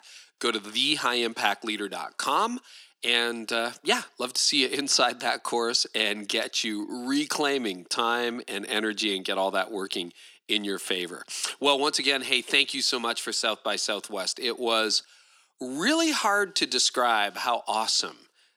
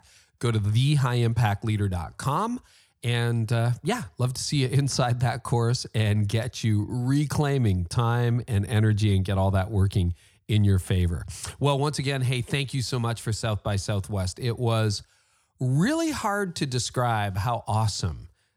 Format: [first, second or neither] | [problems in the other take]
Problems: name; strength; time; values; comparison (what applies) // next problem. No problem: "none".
second | thin; very; fading below 250 Hz